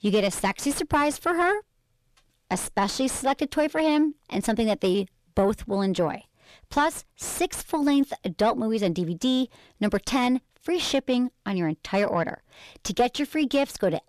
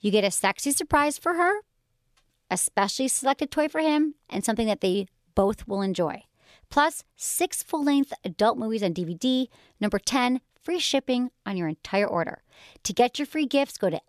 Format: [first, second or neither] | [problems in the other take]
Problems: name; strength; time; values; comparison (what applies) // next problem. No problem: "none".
second | distortion; slight; 10 dB below the speech